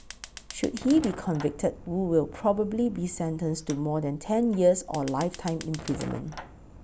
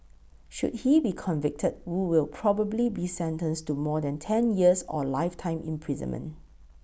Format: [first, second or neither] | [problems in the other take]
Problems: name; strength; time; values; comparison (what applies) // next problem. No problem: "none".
second | background sound (Fire); 17 dB below the speech